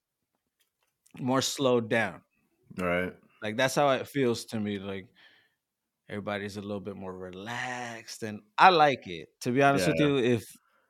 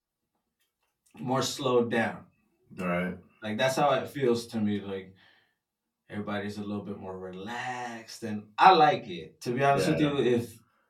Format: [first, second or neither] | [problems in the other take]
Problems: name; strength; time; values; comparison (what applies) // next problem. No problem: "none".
first | off-mic speech; far // room echo; very slight; dies away in 0.2 s